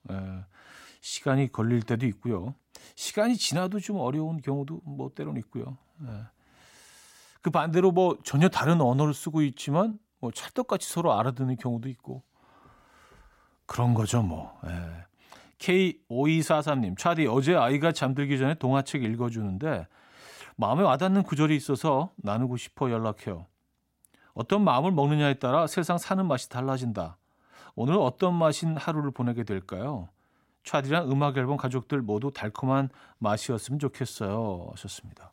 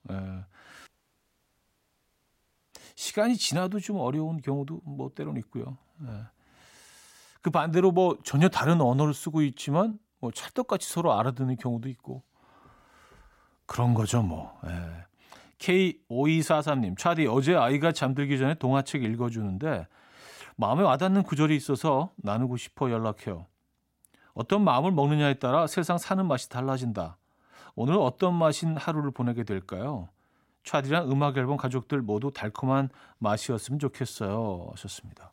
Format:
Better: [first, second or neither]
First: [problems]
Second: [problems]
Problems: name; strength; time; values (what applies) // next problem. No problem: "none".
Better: first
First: none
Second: audio cutting out; at 1 s for 2 s